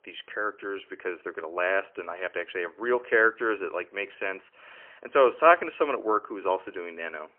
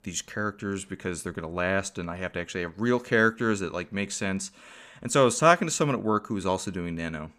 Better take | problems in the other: second | phone-call audio; poor line; nothing above 3 kHz

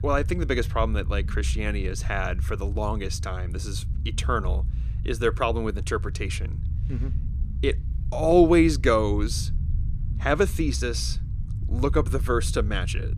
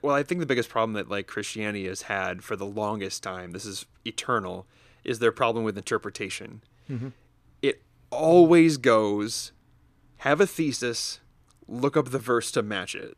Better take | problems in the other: second | low rumble; noticeable; throughout; 20 dB below the speech

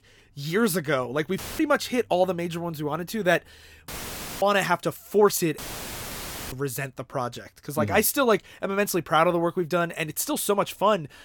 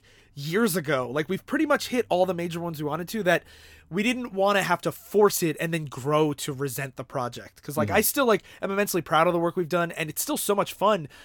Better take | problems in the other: second | audio cutting out; filled with static; at 1.5 s, at 4 s for 0.5 s and at 5.5 s for 1 s

